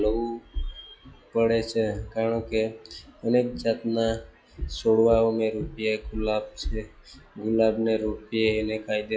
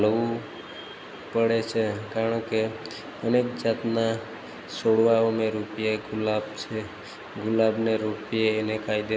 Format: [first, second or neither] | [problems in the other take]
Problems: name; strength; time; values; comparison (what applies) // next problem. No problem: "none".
second | noise reduction (classical method log-MMSE)